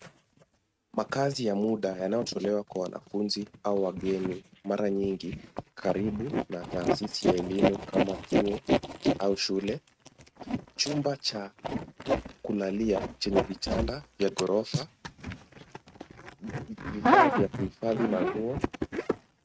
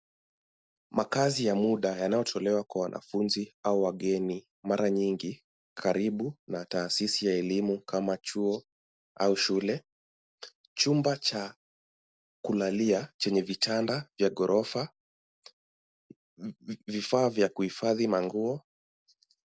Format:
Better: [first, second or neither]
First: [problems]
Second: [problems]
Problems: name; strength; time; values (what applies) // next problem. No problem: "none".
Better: second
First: noise reduction (neural mask model RNNoise)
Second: none